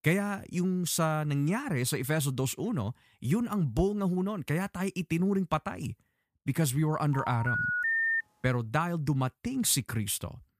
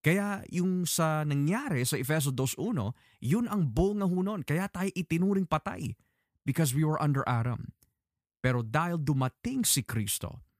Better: second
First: phone ringing; loud; from 7 to 8 s; peak 4 dB above the speech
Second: none

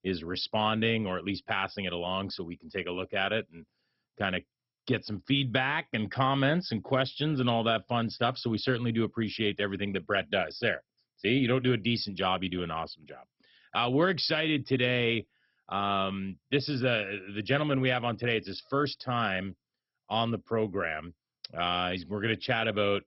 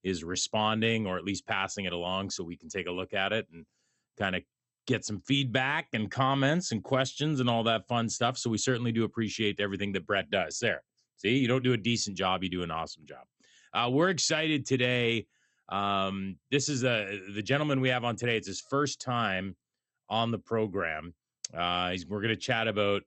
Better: second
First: garbled, watery; badly; nothing above 5.5 kHz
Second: garbled, watery; slightly; nothing above 8 kHz

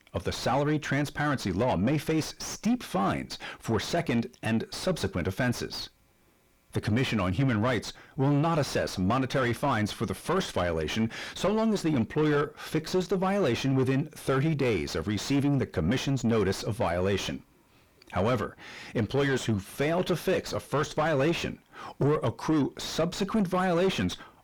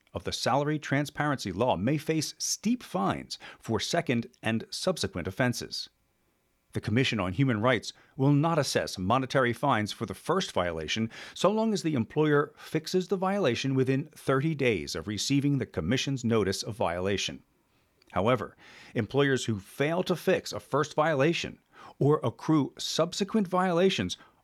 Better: second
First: distortion; heavy; 6 dB below the speech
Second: none

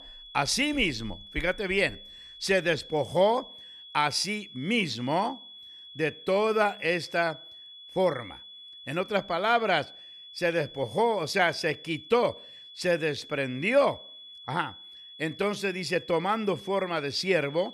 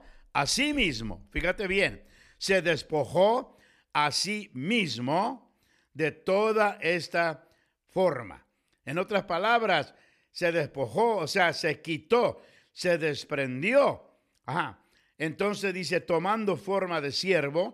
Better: second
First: high-pitched whine; noticeable; throughout; 3.5 kHz, 15 dB below the speech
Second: none

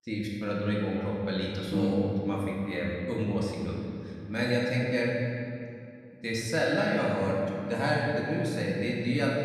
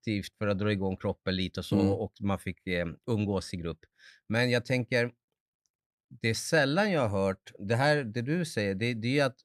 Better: second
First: room echo; noticeable; dies away in 2.3 s // off-mic speech; far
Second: none

